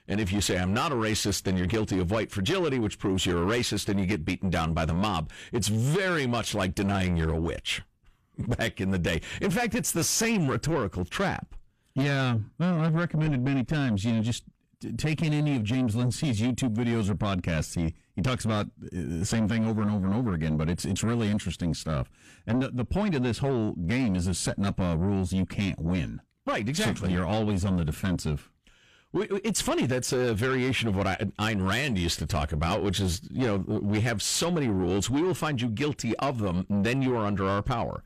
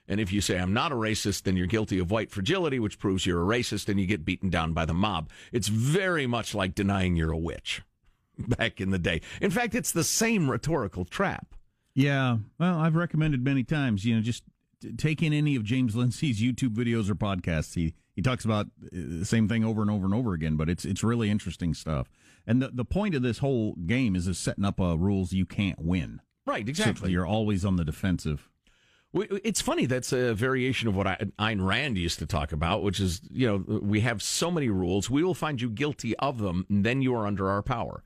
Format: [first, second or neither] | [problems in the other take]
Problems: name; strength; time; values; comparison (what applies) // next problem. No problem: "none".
second | distortion; slight; 10 dB below the speech